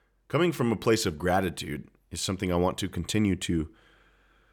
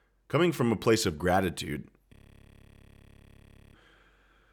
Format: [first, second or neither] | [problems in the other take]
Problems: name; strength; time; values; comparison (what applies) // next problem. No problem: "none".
first | audio freezing; at 2 s for 1.5 s